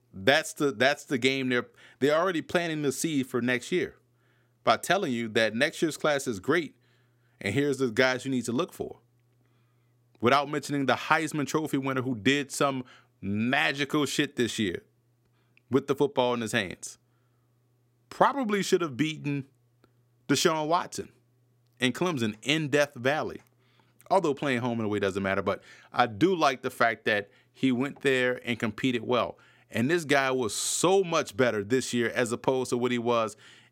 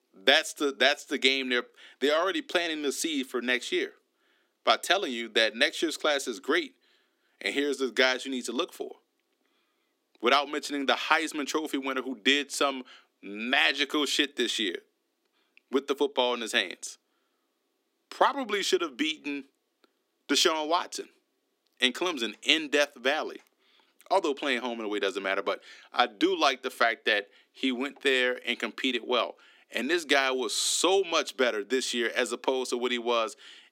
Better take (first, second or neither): first